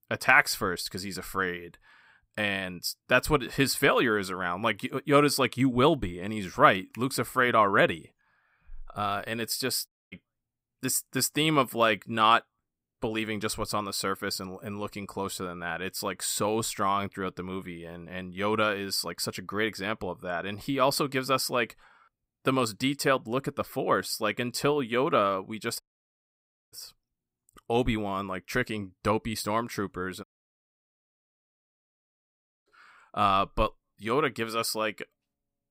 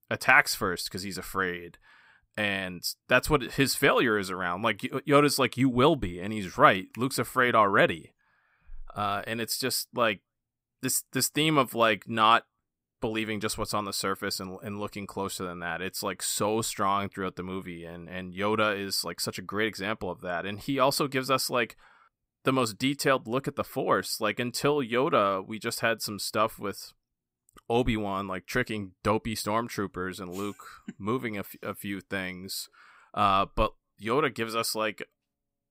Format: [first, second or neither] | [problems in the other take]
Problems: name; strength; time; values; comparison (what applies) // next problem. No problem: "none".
second | audio cutting out; at 10 s, at 26 s for 1 s and at 30 s for 2.5 s